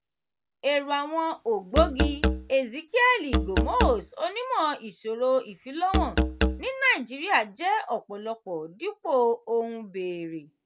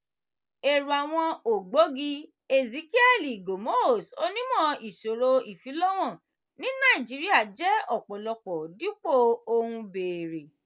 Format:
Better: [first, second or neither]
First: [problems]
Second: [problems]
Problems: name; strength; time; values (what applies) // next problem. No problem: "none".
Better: second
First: background sound (Musical instrument); as loud as the speech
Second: none